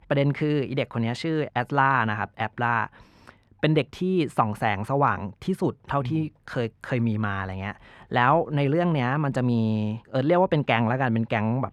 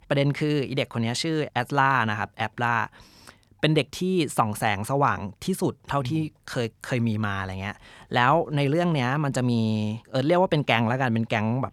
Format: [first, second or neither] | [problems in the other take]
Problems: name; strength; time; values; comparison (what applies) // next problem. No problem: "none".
second | muffled; slightly; fading above 3.5 kHz